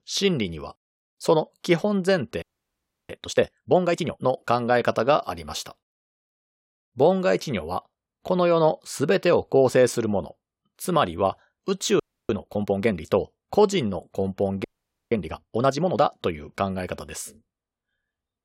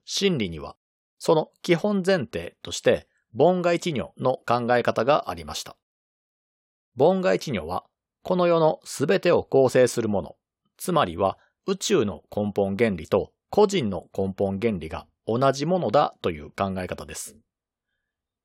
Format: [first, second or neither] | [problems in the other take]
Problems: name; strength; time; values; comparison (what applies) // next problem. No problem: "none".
second | audio freezing; at 2.5 s for 0.5 s, at 12 s and at 15 s